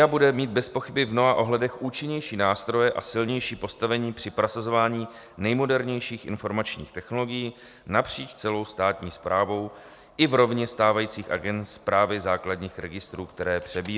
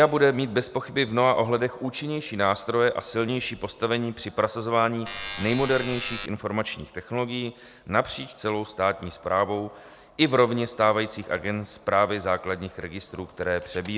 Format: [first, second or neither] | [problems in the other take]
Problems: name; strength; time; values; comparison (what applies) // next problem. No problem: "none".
first | background sound (Alarm); 9 dB below the speech